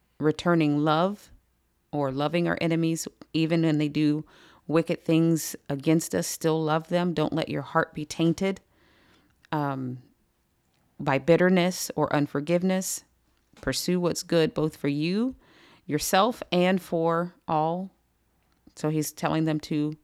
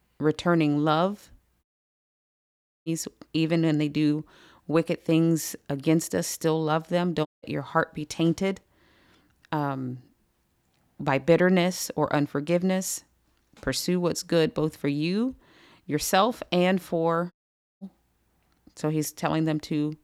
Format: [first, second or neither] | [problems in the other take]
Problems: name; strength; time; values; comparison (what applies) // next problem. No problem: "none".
first | audio cutting out; at 1.5 s for 1 s, at 7.5 s and at 17 s